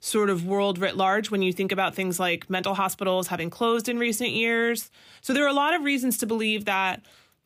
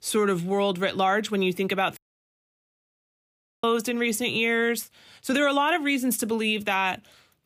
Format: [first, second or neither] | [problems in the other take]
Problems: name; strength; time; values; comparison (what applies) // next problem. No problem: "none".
first | audio cutting out; at 2 s for 1.5 s